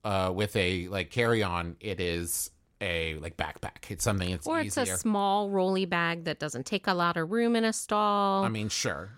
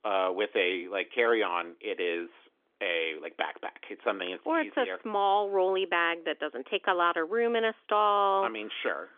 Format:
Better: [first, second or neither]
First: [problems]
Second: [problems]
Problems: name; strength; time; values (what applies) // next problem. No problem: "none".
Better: first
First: none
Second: phone-call audio; nothing above 3.5 kHz